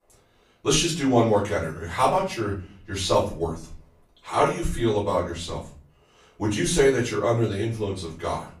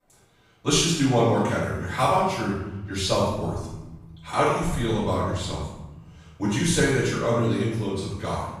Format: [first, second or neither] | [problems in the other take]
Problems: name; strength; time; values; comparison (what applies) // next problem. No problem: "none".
first | room echo; strong; dies away in 1.2 s; slight in the first // off-mic speech; far; far in the first